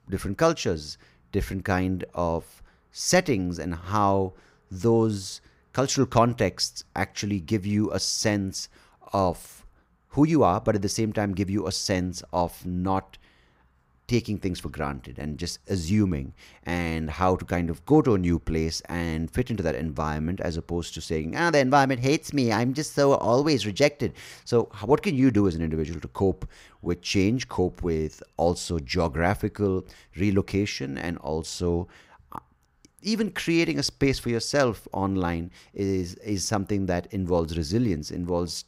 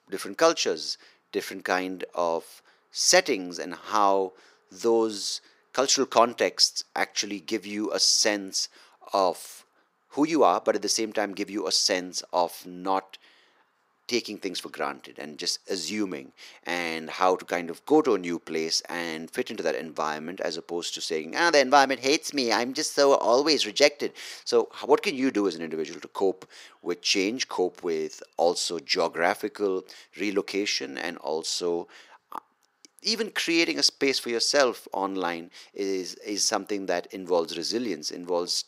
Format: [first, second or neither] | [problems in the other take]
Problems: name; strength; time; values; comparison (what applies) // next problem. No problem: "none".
first | thin; somewhat; fading below 350 Hz